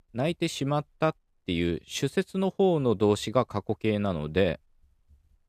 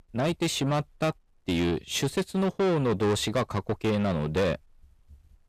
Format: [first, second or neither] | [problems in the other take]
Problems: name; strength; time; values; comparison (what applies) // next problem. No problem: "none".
first | distortion; heavy; 7 dB below the speech